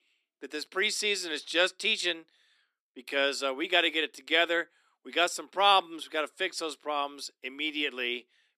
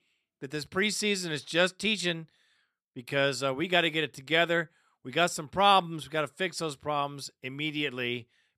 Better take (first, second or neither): second